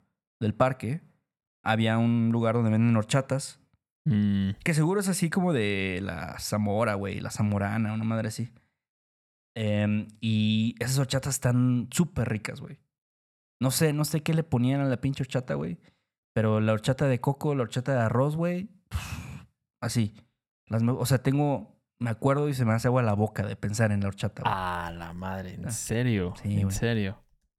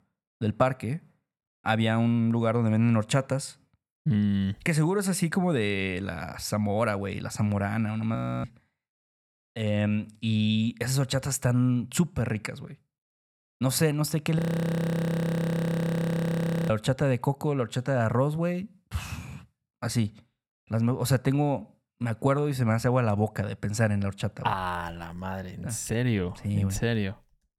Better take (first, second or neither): first